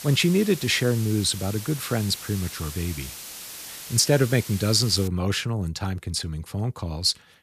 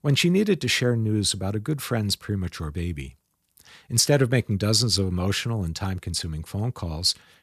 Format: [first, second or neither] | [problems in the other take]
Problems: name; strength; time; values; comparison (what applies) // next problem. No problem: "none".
second | hiss; noticeable; until 5 s; 10 dB below the speech